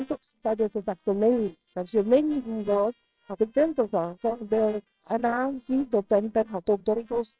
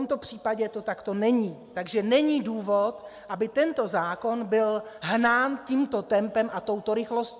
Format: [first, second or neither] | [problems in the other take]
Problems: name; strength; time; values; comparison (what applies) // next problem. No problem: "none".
second | noise reduction (neural separator model SepFormer WHAMR!)